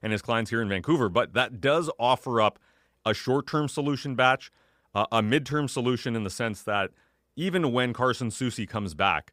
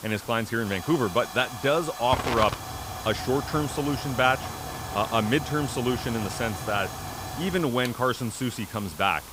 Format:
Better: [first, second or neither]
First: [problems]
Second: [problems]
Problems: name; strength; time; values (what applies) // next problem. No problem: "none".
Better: first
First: none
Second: hiss; loud; throughout; 8 dB below the speech